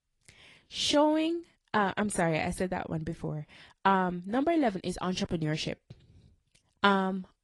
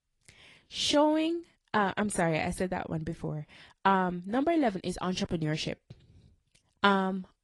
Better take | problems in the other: neither | garbled, watery; slightly; nothing above 10.5 kHz; the same in both

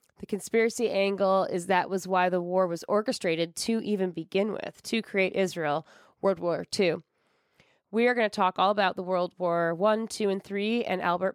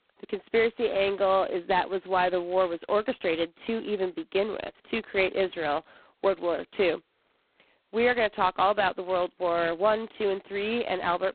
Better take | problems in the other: first | phone-call audio; poor line; nothing above 4 kHz

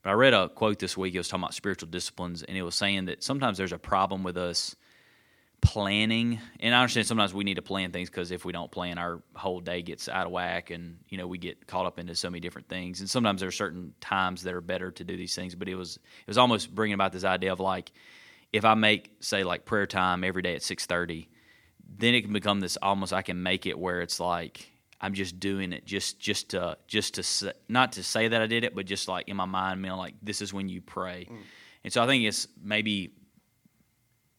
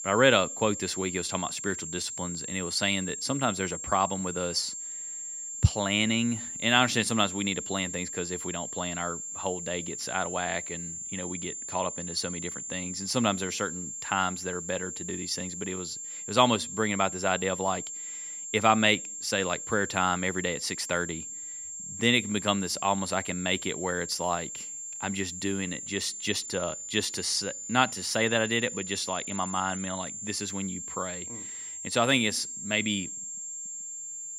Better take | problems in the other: first | high-pitched whine; loud; throughout; 7.5 kHz, 6 dB below the speech

